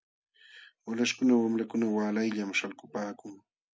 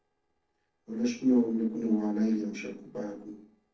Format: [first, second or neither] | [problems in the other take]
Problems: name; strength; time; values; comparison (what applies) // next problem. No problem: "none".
first | noise reduction (neural separator model SepFormer DNS4)